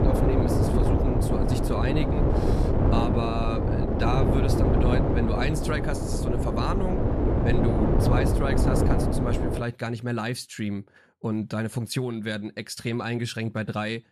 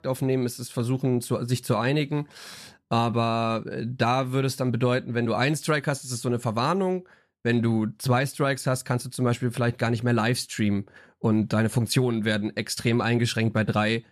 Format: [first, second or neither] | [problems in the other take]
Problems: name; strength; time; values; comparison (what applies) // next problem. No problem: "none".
second | wind noise on the microphone; heavy; until 9.5 s; 2 dB above the speech